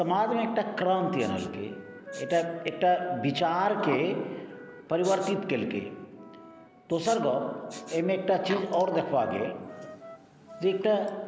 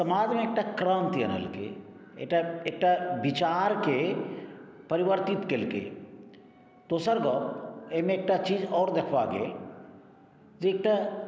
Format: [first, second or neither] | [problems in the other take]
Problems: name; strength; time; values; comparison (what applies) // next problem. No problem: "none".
second | background sound (Respiratory sounds + Wind instrument, woodwind instrument); 15 dB below the speech